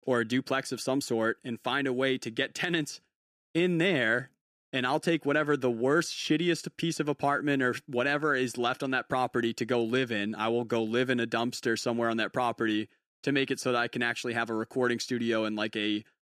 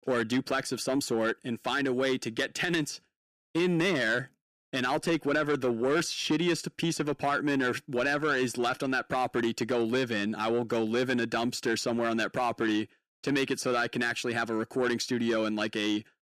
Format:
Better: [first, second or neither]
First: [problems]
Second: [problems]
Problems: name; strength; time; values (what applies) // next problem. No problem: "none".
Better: first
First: none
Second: distortion; slight; 10 dB below the speech